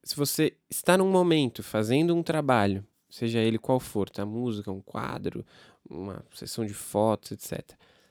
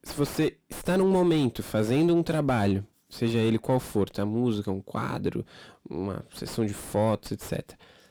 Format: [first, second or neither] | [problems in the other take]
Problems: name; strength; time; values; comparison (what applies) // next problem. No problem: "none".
first | distortion; heavy; 6 dB below the speech